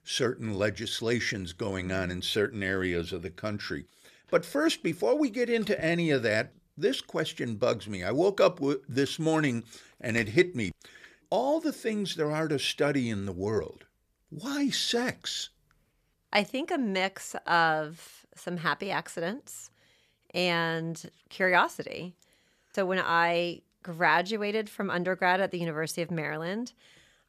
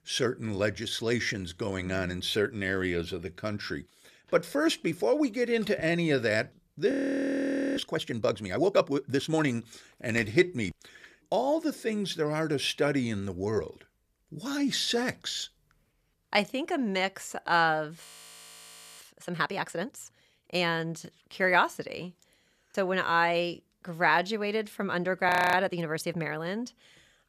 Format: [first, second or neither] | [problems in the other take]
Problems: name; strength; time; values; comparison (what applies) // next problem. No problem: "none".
first | audio freezing; at 7 s for 1 s, at 18 s for 1 s and at 25 s